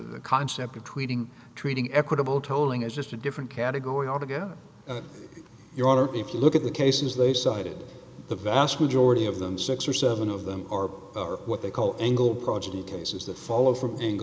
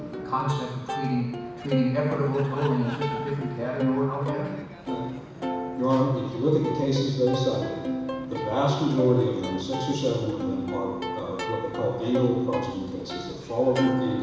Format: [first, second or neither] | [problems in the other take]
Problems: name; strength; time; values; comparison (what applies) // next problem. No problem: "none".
first | background sound (Plucked string instrument); 5 dB below the speech // room echo; dies away in 1.1 s